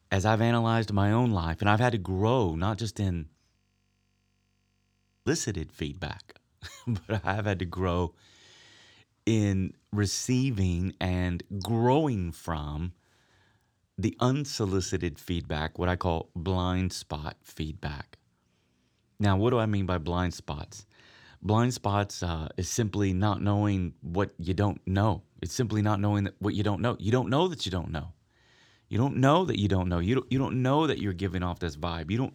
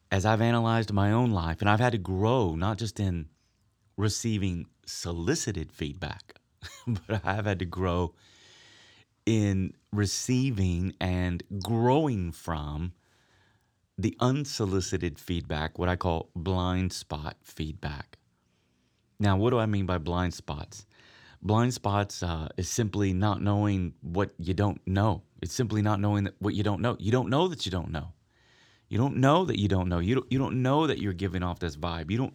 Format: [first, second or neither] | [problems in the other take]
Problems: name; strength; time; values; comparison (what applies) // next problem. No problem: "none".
second | audio freezing; at 3.5 s for 1.5 s